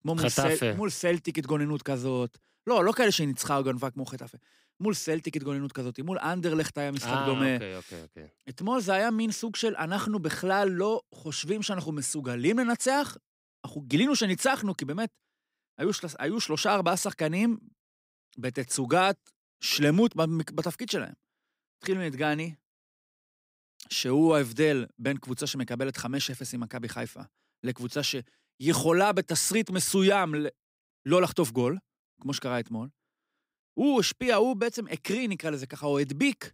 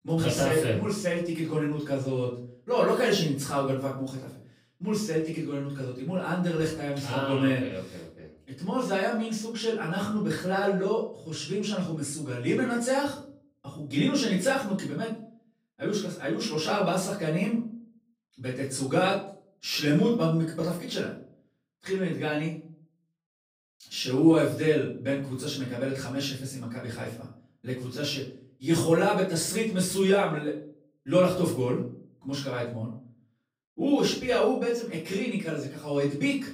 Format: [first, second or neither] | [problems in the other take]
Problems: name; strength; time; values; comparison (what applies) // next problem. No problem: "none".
first | off-mic speech; far // room echo; noticeable; dies away in 0.4 s